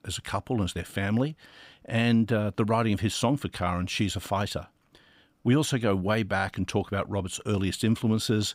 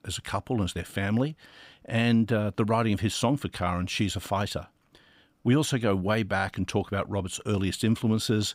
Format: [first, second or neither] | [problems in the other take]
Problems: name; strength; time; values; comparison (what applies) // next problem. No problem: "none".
neither | none